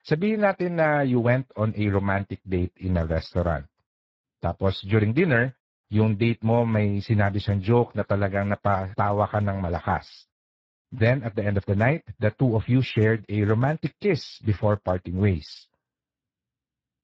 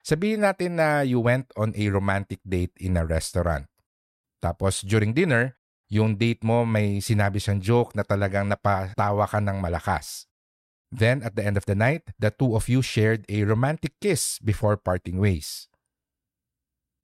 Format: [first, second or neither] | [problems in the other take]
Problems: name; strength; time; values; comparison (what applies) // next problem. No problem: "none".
second | garbled, watery; badly